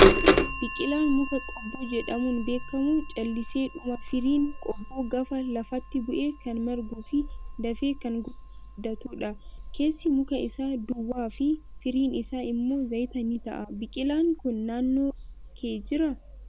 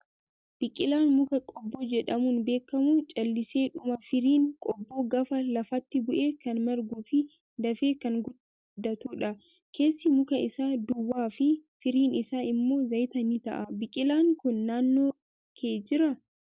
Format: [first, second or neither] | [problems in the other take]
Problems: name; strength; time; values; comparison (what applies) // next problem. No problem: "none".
second | background sound (Bird vocalization, bird call, bird song / Telephone); 3 dB below the speech